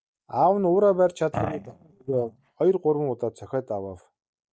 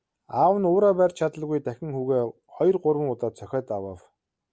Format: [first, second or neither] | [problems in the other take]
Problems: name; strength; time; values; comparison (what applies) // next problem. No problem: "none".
second | noise reduction (neural mask model DeepFilterNet 3)